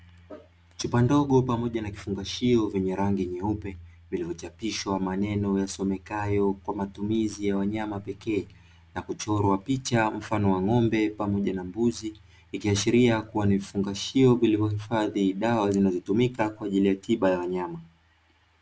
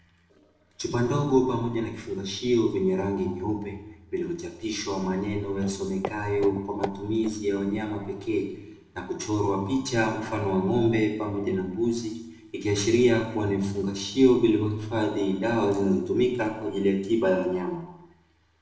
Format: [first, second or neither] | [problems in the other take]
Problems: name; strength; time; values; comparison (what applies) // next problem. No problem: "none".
first | noise reduction (neural separator model SepFormer DNS4)